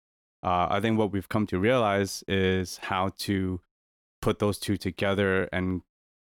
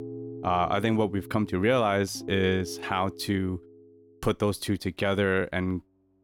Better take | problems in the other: first | background music; noticeable; throughout; 15 dB below the speech

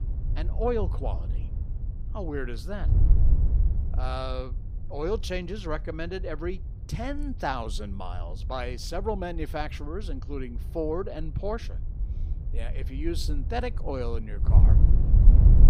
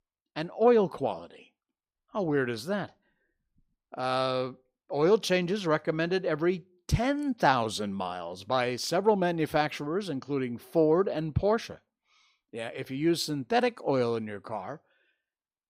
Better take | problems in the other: second | wind noise on the microphone; occasional gusts; 10 dB below the speech

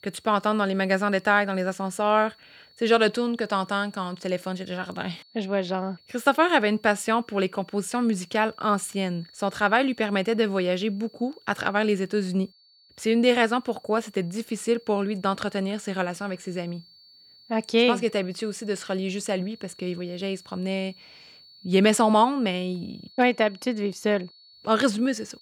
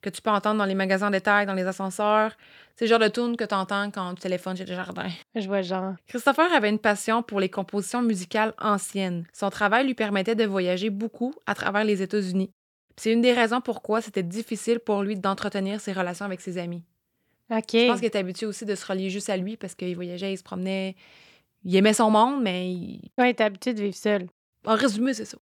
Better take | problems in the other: second | high-pitched whine; faint; throughout; 4.5 kHz, 25 dB below the speech

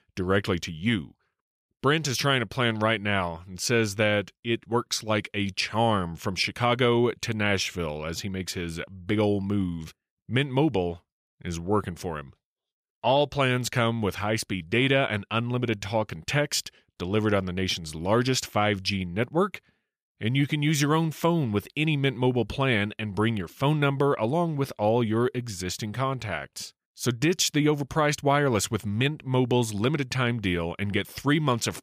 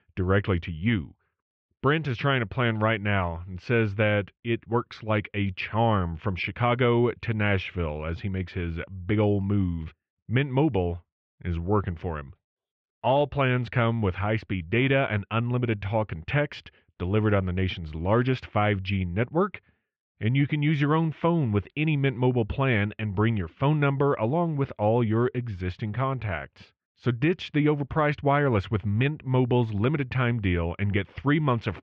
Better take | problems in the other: first | muffled; very; fading above 2.5 kHz

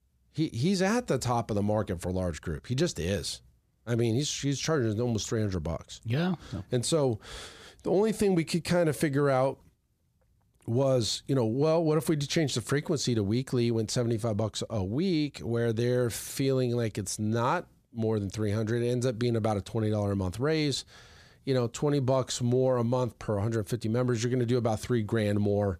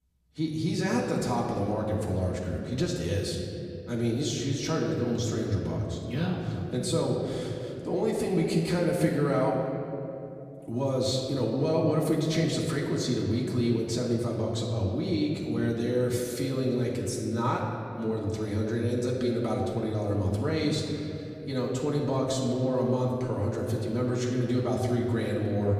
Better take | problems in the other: first | off-mic speech; far // room echo; noticeable; dies away in 2.5 s

